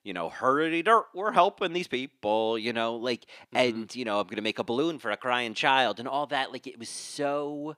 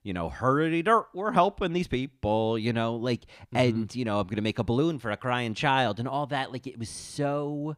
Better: second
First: thin; somewhat; fading below 300 Hz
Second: none

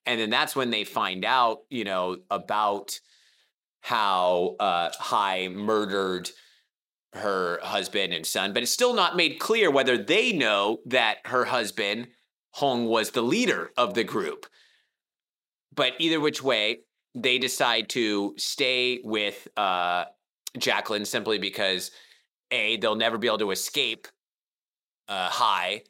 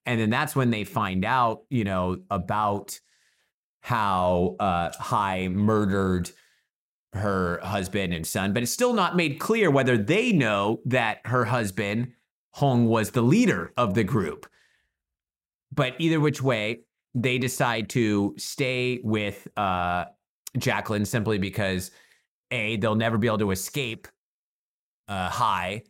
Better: second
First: thin; somewhat; fading below 400 Hz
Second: none

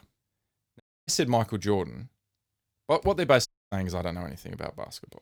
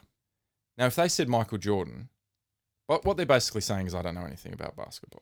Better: second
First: audio cutting out; at 1 s and at 3.5 s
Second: none

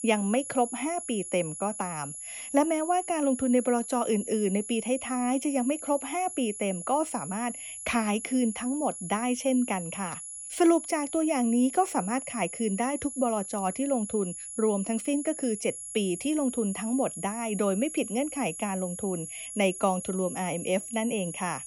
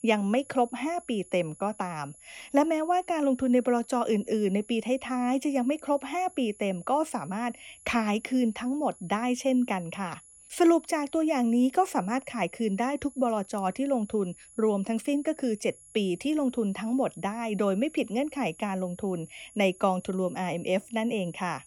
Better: second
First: high-pitched whine; loud; throughout; 11 kHz, 8 dB below the speech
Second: high-pitched whine; faint; throughout; 11 kHz, 20 dB below the speech

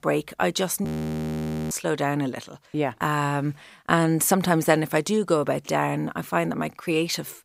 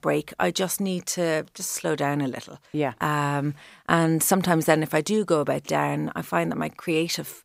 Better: second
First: audio freezing; at 1 s for 1 s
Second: none

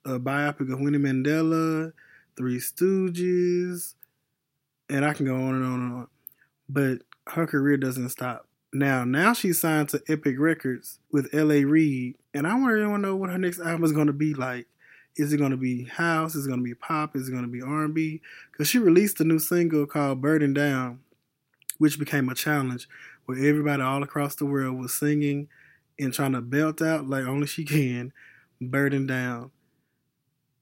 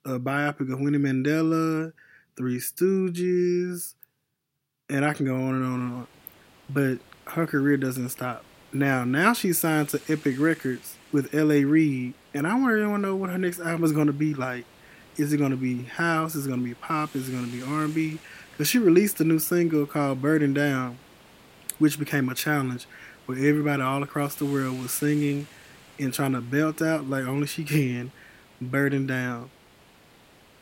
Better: first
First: none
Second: hiss; faint; from 5.5 s on; 25 dB below the speech

